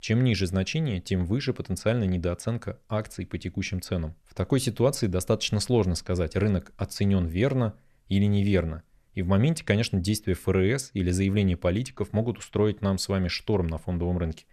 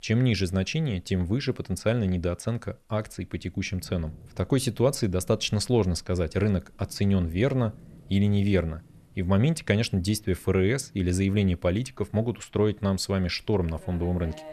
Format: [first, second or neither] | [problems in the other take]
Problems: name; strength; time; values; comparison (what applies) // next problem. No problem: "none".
first | rain or running water; faint; throughout; 25 dB below the speech